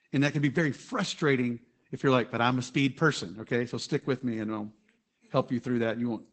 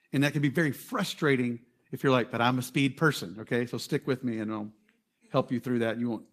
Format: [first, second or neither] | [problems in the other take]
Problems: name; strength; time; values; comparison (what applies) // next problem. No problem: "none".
second | garbled, watery; badly; nothing above 8 kHz; slightly in the second